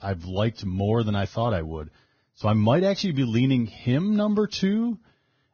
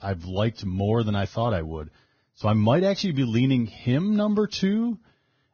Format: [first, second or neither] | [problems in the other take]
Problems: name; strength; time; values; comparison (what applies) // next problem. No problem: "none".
neither | garbled, watery; badly; nothing above 6.5 kHz; the same in both